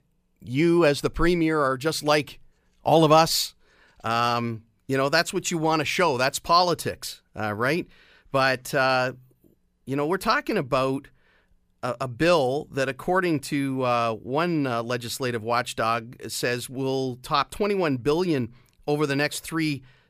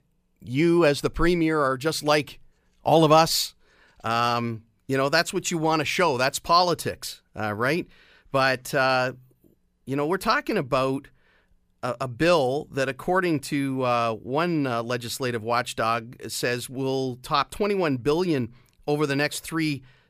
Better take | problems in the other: neither | none

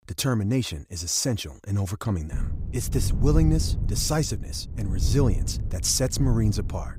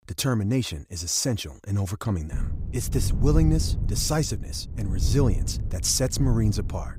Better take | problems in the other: neither | wind noise on the microphone; occasional gusts; from 2.5 s on; 15 dB below the speech; the same in both

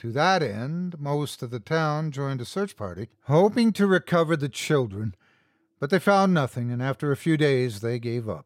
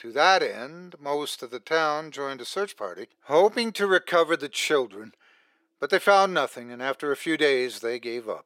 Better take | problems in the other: first | thin; very; fading below 350 Hz

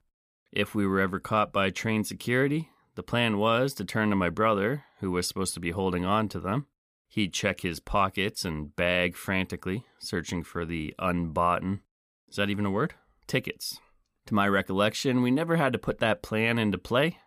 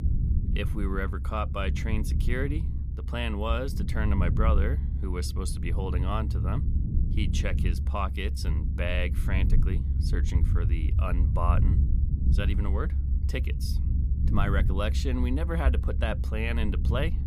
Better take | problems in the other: first | low rumble; loud; throughout; 9 dB below the speech

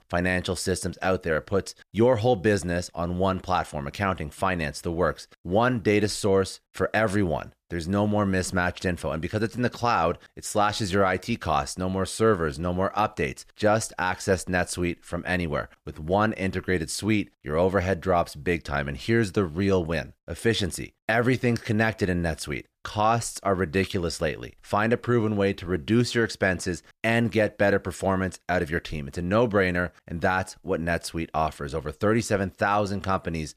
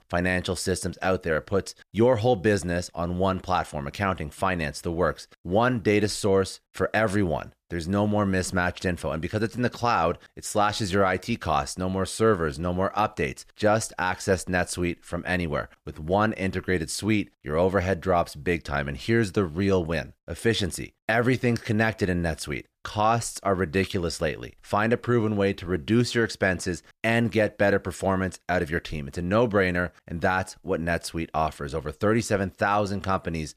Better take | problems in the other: neither | none

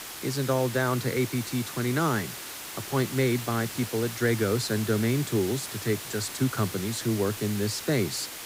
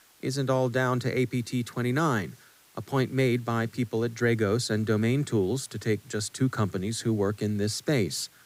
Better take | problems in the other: second | hiss; loud; throughout; 8 dB below the speech; faint in the second

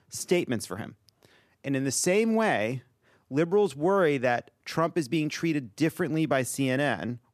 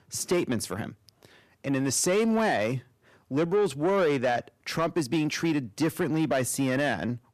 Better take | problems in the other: first | distortion; slight; 10 dB below the speech

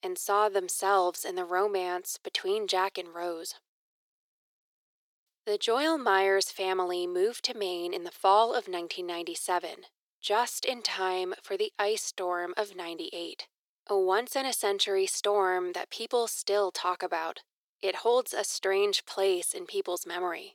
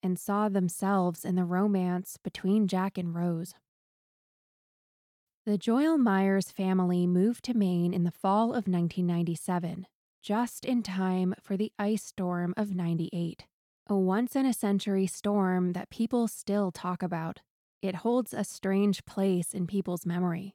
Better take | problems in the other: second | thin; very; fading below 400 Hz

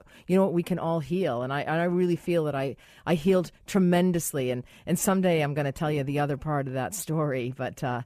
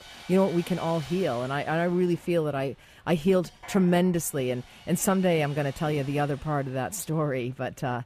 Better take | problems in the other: first | machinery noise; noticeable; throughout; 20 dB below the speech

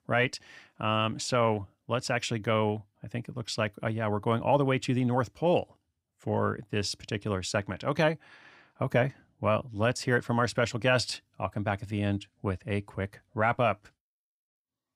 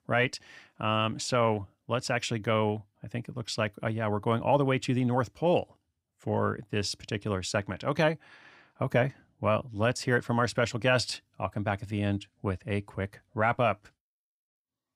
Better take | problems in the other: neither | none

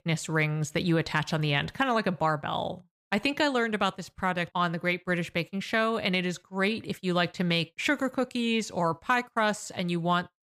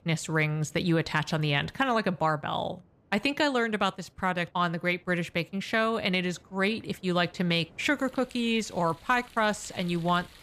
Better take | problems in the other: first | rain or running water; faint; throughout; 25 dB below the speech

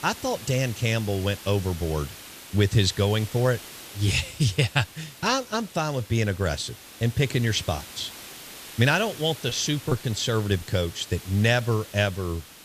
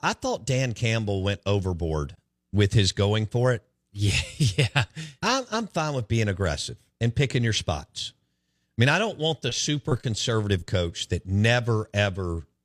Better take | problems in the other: second | hiss; noticeable; throughout; 15 dB below the speech

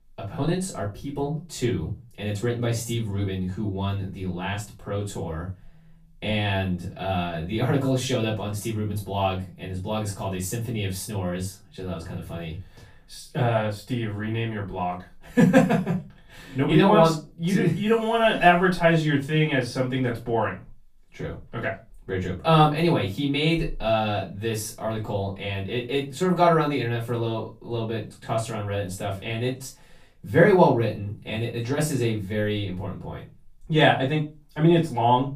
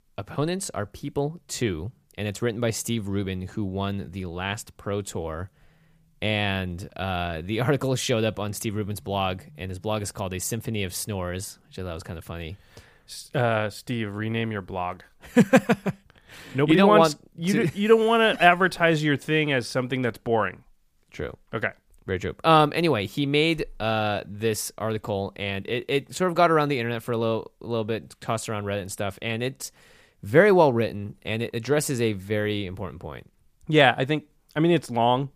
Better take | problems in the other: second | off-mic speech; far // room echo; slight; dies away in 0.2 s

